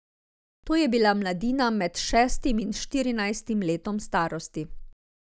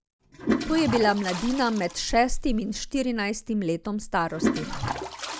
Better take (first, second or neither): first